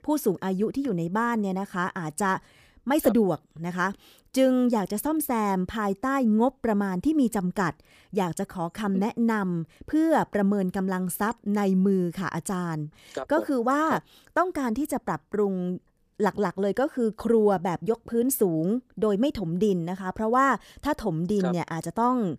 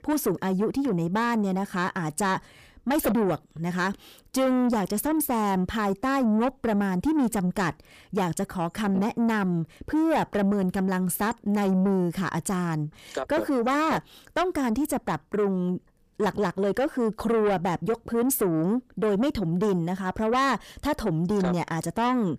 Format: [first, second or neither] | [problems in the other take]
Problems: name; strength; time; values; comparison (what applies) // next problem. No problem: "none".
first | distortion; slight; 10 dB below the speech